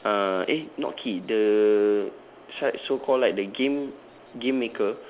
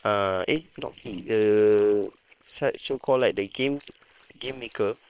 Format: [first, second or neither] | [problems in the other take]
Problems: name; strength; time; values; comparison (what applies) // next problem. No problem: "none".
first | noise reduction (neural separator model SepFormer WHAM!)